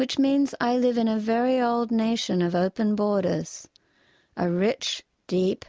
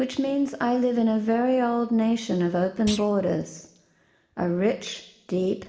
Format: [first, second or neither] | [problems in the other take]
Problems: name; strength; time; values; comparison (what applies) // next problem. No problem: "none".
first | background sound (Thump, thud); 16 dB below the speech // room echo; dies away in 0.7 s